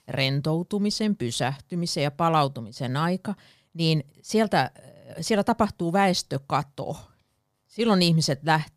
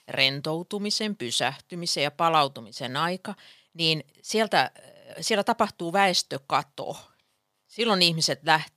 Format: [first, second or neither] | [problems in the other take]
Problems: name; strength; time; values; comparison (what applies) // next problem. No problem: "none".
first | thin; somewhat; fading below 1 kHz